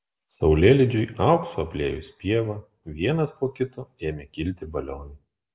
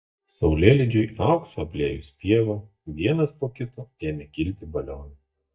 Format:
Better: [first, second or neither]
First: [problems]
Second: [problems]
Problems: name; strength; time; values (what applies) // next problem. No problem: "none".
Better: first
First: none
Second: noise reduction (neural mask model DeepFilterNet 3)